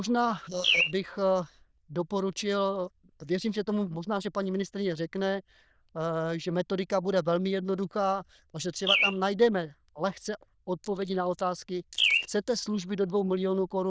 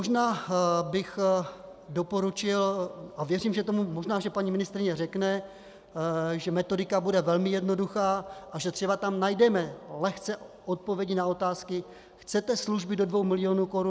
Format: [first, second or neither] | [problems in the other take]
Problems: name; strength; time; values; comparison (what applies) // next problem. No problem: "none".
second | noise reduction (neural diffusion model UNIVERSE++)